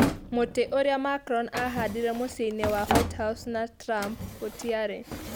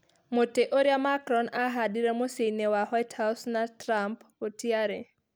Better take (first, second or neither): second